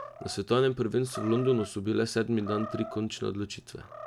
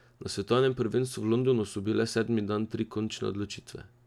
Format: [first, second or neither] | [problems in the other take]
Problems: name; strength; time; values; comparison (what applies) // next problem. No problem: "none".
second | background sound (Animal); 15 dB below the speech